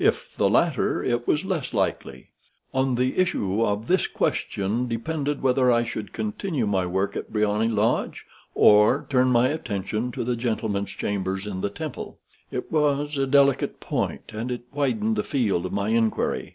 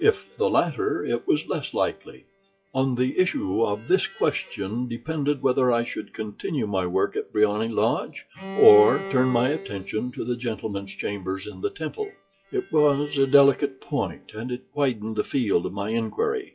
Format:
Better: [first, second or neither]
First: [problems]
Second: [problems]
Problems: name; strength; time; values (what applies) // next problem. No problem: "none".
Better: first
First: none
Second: noise reduction (classical method WPE with log-MMSE)